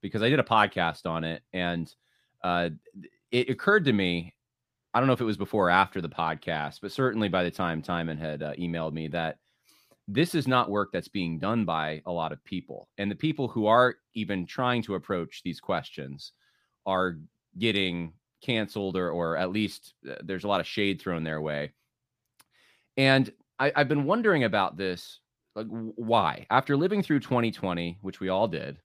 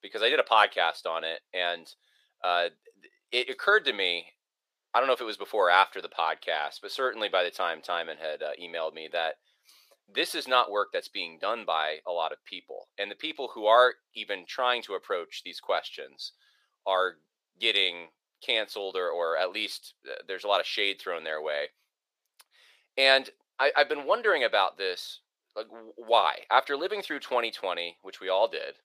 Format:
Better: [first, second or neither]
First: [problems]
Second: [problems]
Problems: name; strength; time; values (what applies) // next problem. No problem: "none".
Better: first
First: none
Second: thin; very; fading below 500 Hz